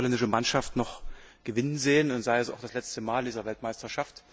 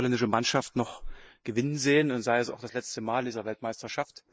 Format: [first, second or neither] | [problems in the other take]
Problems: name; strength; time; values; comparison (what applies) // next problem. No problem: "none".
first | noise reduction (neural mask model Resemble Enhance denoiser)